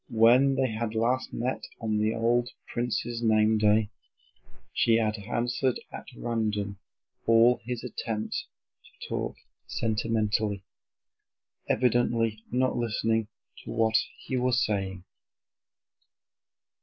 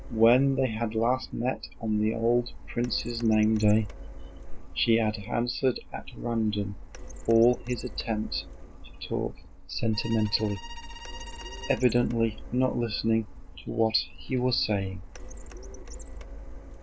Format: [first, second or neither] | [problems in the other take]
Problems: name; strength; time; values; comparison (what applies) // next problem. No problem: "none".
first | background sound (Printer + Bowed string instrument); 12 dB below the speech